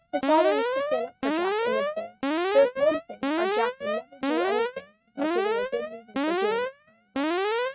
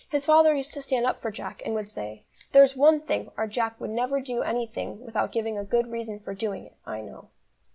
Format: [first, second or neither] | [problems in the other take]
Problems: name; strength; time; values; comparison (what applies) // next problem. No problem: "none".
second | noise reduction (neural mask model RNNoise)